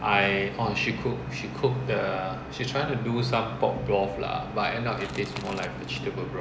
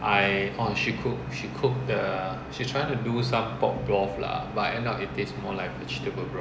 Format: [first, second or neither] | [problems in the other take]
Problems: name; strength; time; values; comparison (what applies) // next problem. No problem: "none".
second | background sound (Crushing / Wood); 16 dB below the speech